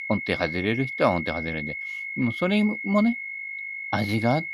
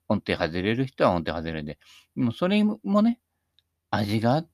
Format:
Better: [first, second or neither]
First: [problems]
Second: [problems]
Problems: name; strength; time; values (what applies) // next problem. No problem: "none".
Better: second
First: high-pitched whine; loud; throughout; 2 kHz, 6 dB below the speech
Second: none